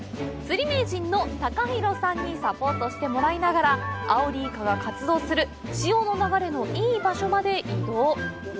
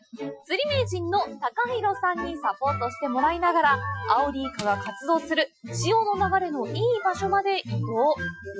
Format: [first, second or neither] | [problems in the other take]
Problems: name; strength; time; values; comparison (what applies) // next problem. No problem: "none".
first | noise reduction (classical method Wiener filter)